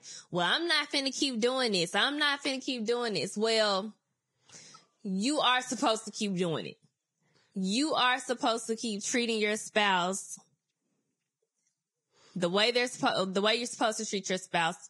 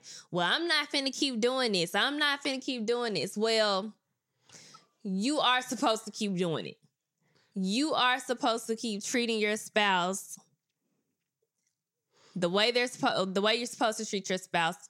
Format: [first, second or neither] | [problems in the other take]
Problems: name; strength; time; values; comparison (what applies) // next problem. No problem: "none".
second | garbled, watery; badly; nothing above 10.5 kHz